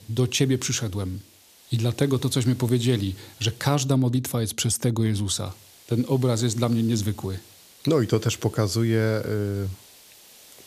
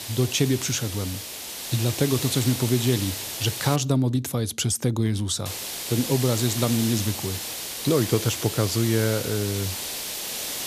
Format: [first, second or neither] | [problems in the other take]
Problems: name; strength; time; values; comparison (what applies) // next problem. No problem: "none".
first | hiss; loud; until 4 s and from 5.5 s on; 5 dB below the speech; faint in the first